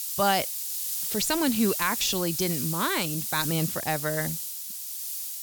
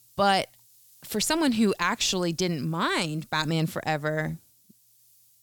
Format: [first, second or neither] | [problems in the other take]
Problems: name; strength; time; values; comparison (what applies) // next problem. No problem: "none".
second | hiss; loud; throughout; 2 dB below the speech; faint in the second